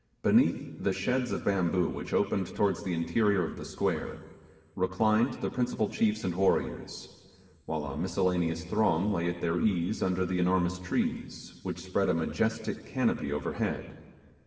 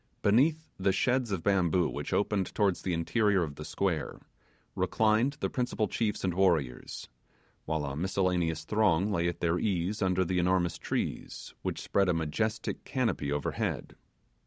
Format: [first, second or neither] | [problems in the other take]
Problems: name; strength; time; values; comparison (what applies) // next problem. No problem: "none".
second | room echo; dies away in 2.2 s